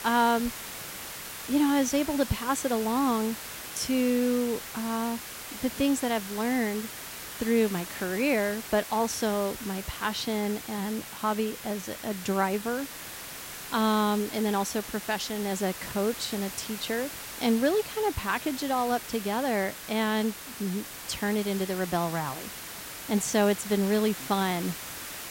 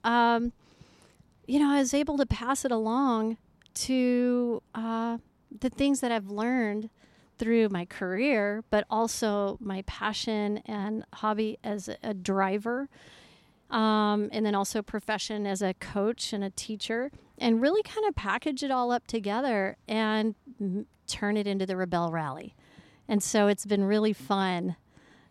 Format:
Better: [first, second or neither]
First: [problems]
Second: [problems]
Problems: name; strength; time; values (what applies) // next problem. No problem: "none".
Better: second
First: hiss; loud; throughout; 9 dB below the speech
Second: none